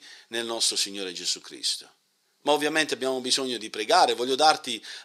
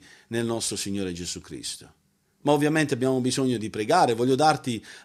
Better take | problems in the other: second | thin; somewhat; fading below 450 Hz

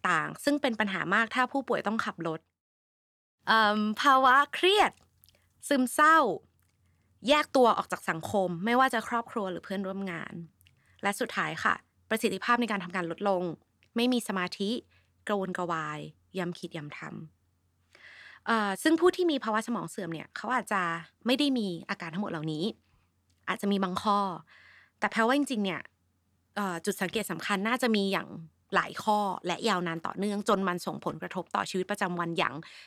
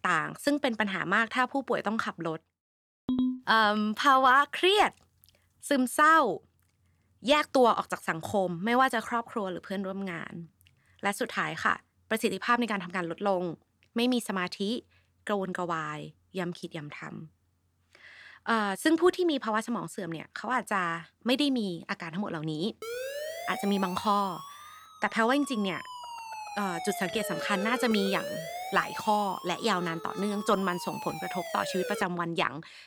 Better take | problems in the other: first | phone ringing; noticeable; at 3 s; peak 1 dB below the speech // siren; noticeable; from 23 to 32 s; peak 7 dB below the speech

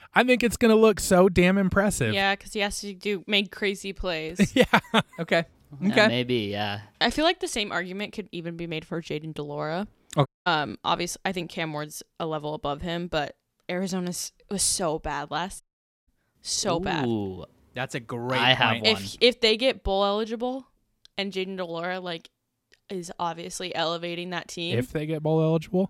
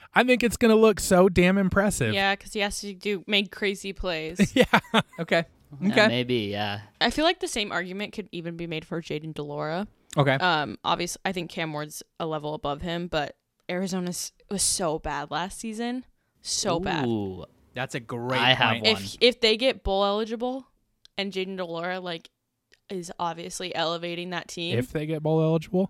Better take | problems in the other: second | audio cutting out; at 10 s and at 16 s

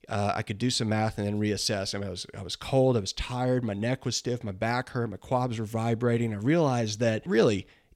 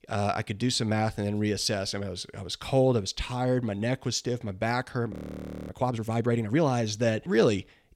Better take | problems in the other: first | audio freezing; at 5 s for 0.5 s

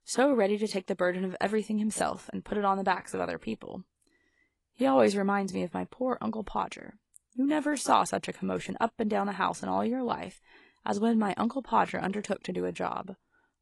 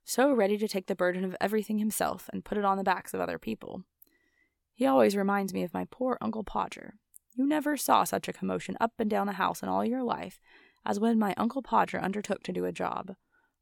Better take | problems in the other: second | garbled, watery; slightly; nothing above 11 kHz

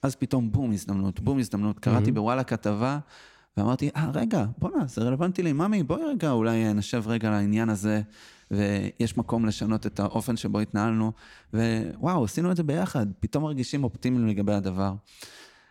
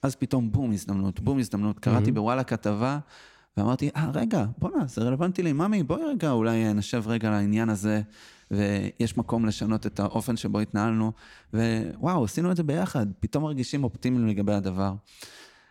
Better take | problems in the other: neither | none

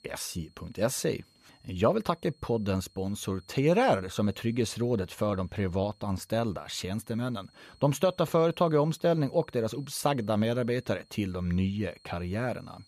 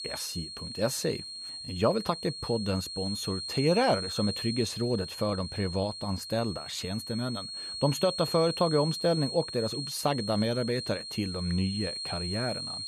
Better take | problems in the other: first | high-pitched whine; loud; throughout; 4 kHz, 6 dB below the speech; faint in the first

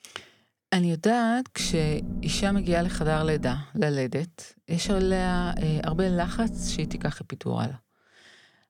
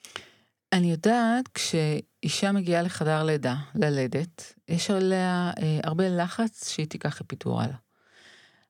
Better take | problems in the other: second | low rumble; noticeable; from 1.5 to 3.5 s and from 5 to 7 s; 15 dB below the speech

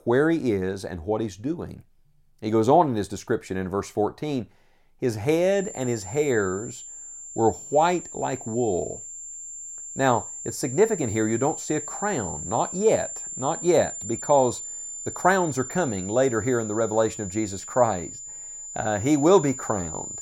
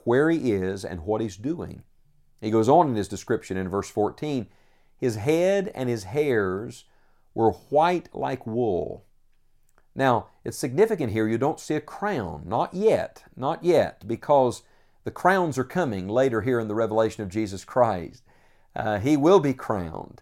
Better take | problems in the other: second | high-pitched whine; loud; from 5.5 s on; 7.5 kHz, 9 dB below the speech

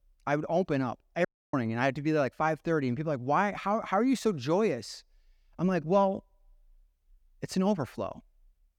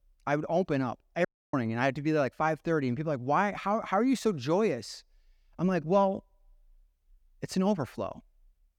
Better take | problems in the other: neither | audio cutting out; at 1.5 s; the same in both

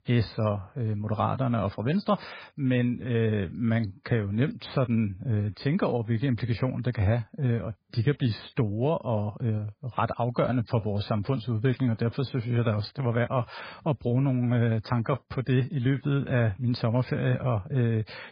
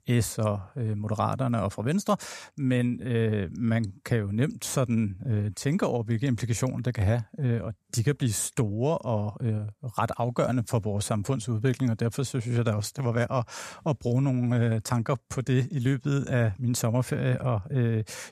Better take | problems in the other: second | garbled, watery; badly; nothing above 5 kHz

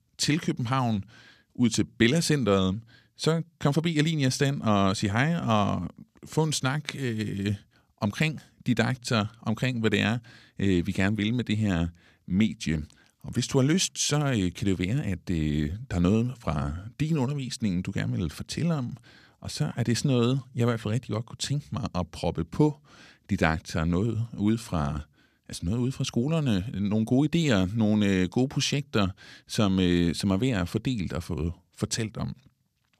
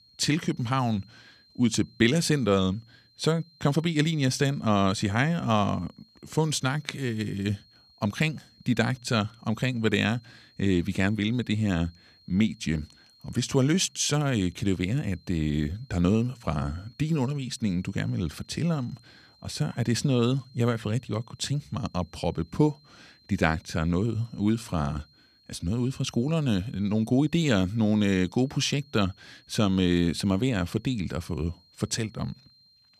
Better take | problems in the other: first | high-pitched whine; faint; throughout; 4 kHz, 30 dB below the speech

